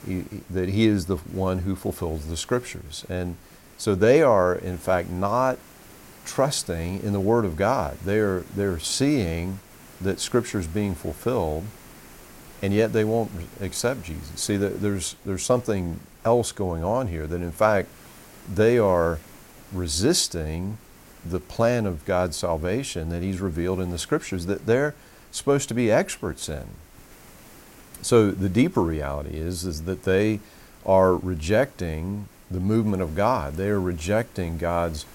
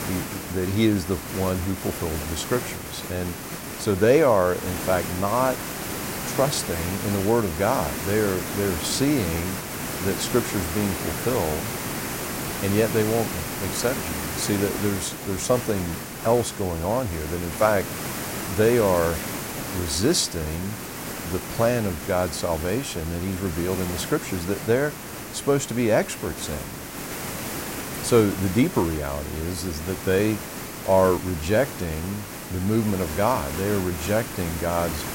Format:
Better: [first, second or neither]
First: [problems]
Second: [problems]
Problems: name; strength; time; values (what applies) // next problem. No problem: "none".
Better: first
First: hiss; faint; throughout; 25 dB below the speech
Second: hiss; loud; throughout; 6 dB below the speech